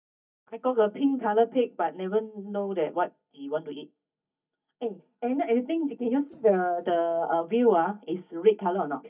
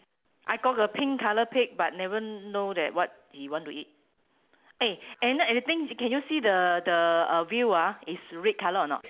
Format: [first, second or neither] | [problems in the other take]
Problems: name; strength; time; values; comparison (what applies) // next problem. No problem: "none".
second | noise reduction (neural mask model DeepFilterNet 3)